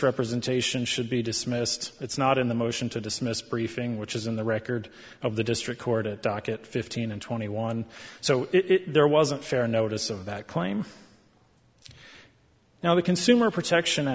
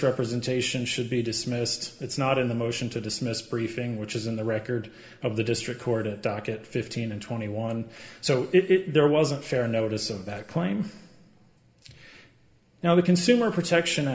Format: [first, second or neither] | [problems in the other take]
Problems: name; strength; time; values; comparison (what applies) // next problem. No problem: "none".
first | room echo; dies away in 1.9 s